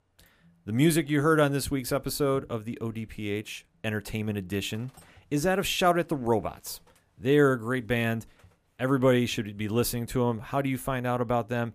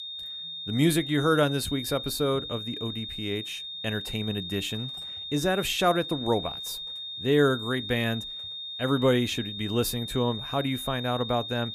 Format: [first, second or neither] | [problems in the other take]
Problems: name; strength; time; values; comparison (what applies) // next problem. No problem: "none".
first | high-pitched whine; loud; throughout; 3.5 kHz, 7 dB below the speech